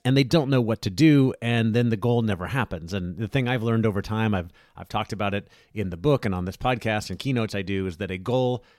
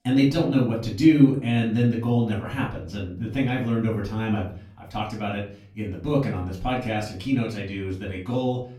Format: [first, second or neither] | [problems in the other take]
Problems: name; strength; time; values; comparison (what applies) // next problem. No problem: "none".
first | off-mic speech; far // room echo; slight; dies away in 0.4 s